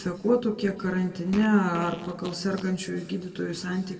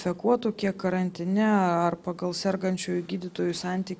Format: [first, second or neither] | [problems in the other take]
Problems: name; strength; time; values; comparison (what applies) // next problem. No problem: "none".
second | background sound (Fart); 16 dB below the speech // room echo; dies away in 1.4 s